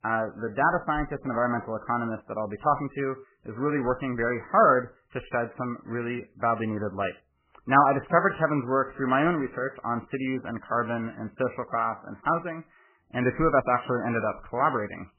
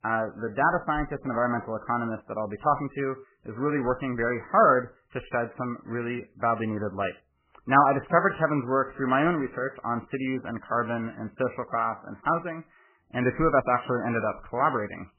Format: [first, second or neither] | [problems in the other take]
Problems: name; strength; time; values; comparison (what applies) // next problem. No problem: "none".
neither | garbled, watery; badly; nothing above 3 kHz; the same in both